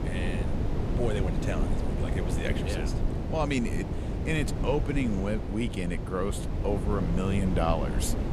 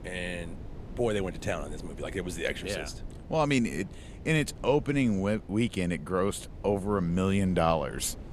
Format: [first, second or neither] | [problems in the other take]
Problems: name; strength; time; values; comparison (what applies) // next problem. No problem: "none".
second | wind noise on the microphone; heavy; 5 dB below the speech; occasional gusts in the second